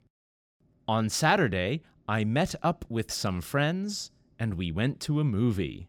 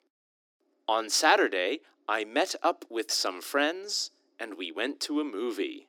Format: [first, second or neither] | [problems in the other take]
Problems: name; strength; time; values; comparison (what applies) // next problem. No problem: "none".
first | thin; somewhat; fading below 300 Hz